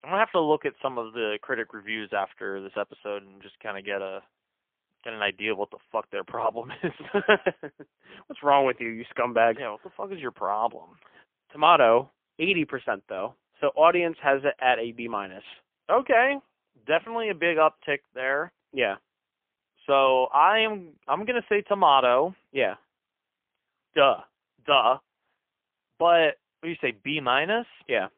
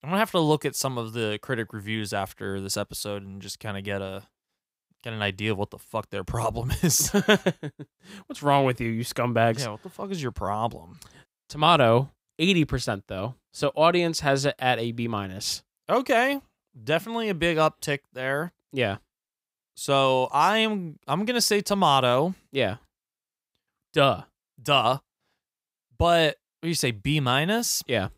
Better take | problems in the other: second | phone-call audio; poor line; nothing above 3.5 kHz

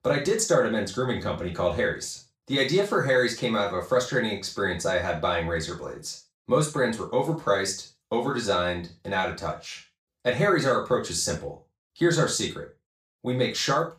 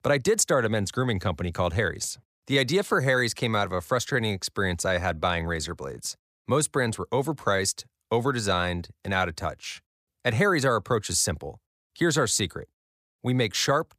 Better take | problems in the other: second | room echo; slight; dies away in 0.3 s // off-mic speech; far

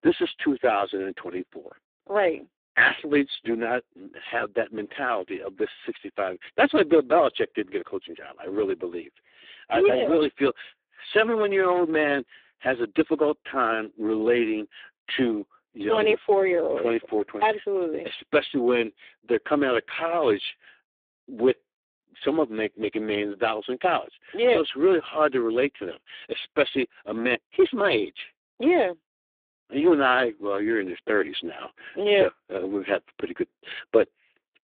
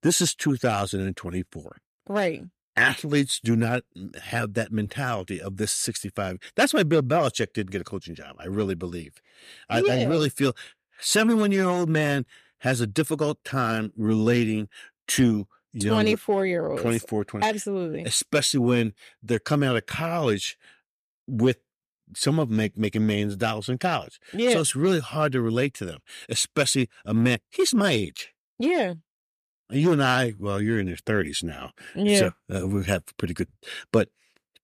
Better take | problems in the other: second | phone-call audio; poor line

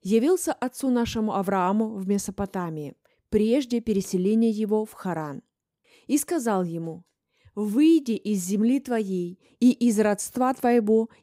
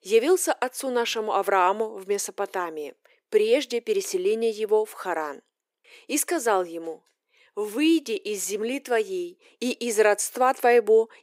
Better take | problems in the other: first | thin; very; fading below 400 Hz

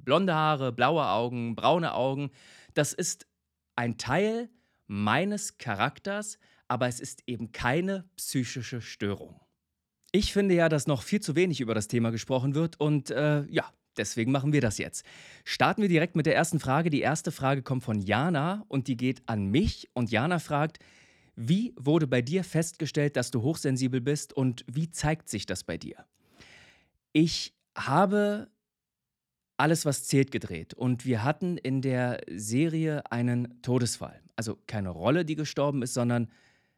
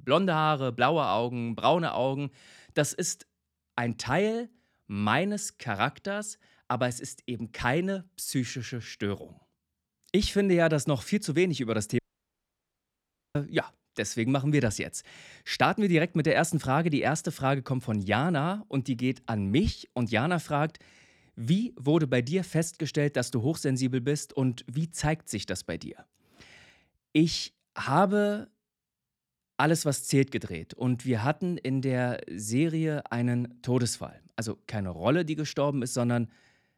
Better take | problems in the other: first | audio cutting out; at 12 s for 1.5 s

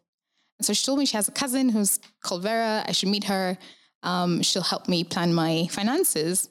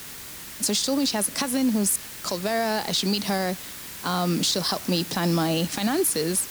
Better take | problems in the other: first | hiss; noticeable; throughout; 10 dB below the speech

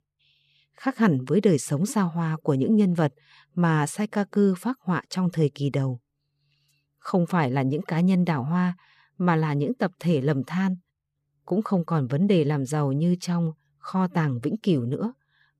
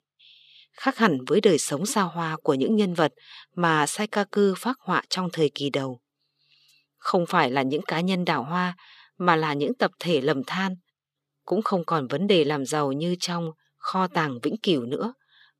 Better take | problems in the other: first | thin; somewhat; fading below 300 Hz

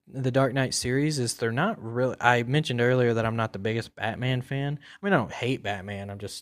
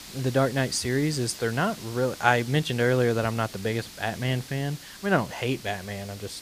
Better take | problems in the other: first | hiss; noticeable; throughout; 15 dB below the speech

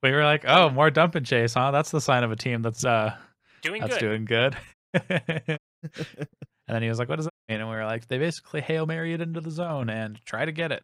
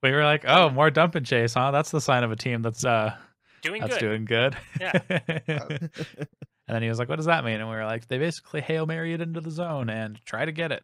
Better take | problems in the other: second | audio cutting out; at 4.5 s, at 5.5 s and at 7.5 s

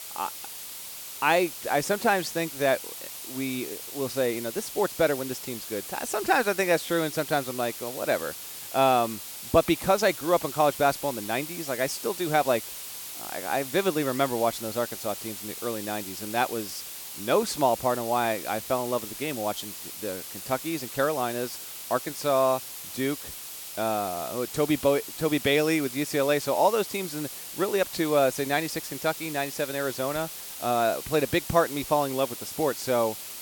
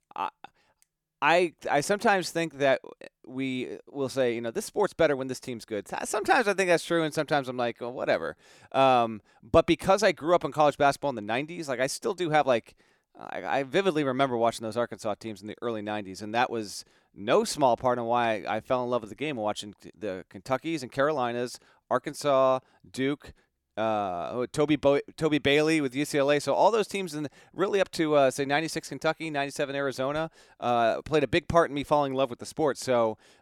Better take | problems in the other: second | hiss; loud; throughout; 9 dB below the speech

